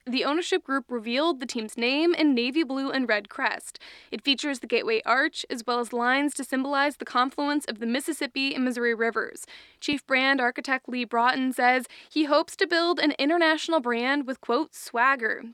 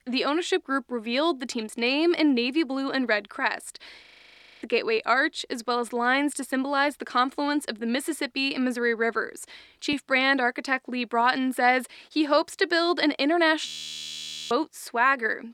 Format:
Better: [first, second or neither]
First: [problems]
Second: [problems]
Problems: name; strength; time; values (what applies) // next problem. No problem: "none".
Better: first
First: none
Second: audio freezing; at 4 s for 0.5 s and at 14 s for 1 s